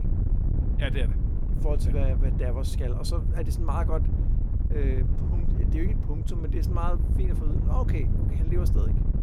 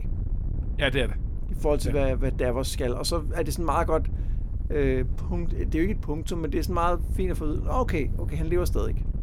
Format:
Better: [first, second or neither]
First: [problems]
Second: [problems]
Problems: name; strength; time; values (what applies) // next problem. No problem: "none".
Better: second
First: wind noise on the microphone; heavy; 4 dB below the speech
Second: wind noise on the microphone; occasional gusts; 20 dB below the speech